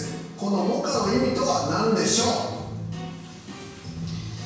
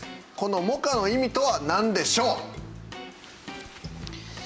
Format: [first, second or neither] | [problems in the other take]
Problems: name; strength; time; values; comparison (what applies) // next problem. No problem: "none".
second | room echo; dies away in 1 s